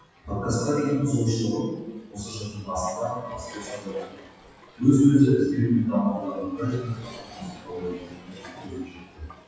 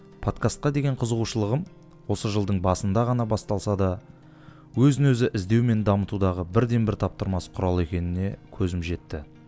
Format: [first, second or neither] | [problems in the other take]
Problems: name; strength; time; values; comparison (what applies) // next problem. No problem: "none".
second | noise reduction (classical method WPE with log-MMSE)